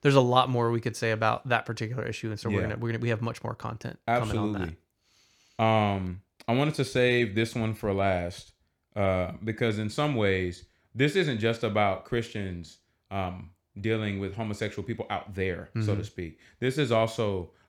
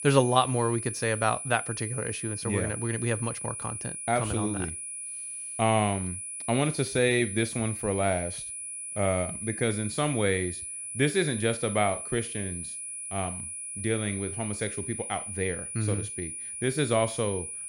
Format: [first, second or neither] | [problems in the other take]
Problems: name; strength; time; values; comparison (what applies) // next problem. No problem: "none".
first | high-pitched whine; loud; throughout; 10 kHz, 6 dB below the speech